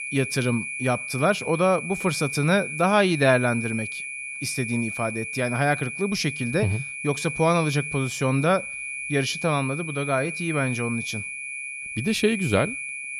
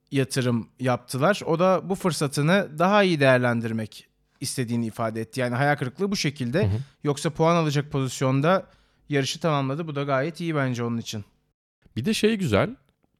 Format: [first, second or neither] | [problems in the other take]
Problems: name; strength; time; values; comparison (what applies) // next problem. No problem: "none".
second | high-pitched whine; loud; throughout; 2.5 kHz, 6 dB below the speech